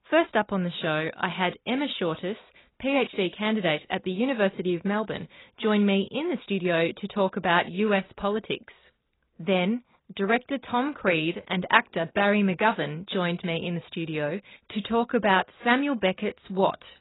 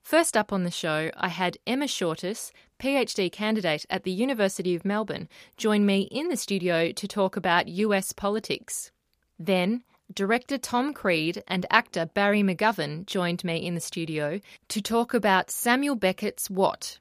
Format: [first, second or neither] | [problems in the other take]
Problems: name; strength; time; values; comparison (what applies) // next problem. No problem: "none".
second | garbled, watery; badly; nothing above 4 kHz